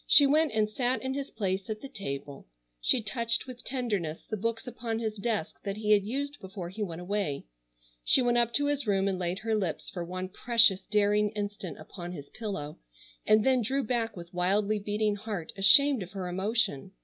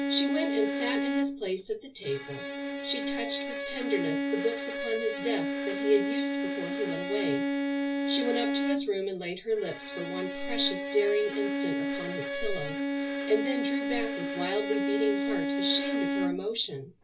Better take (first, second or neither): first